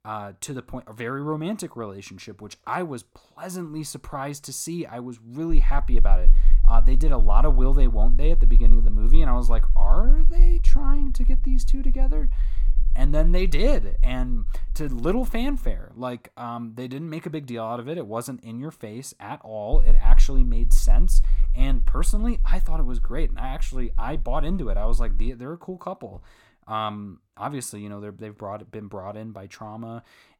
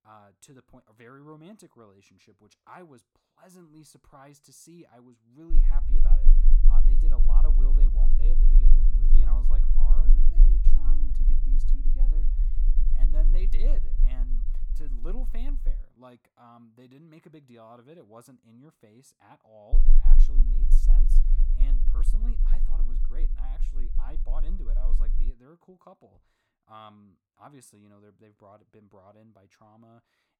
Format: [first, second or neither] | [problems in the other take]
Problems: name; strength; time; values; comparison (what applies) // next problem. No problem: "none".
first | low rumble; loud; from 5.5 to 16 s and from 20 to 25 s; 3 dB below the speech; faint in the first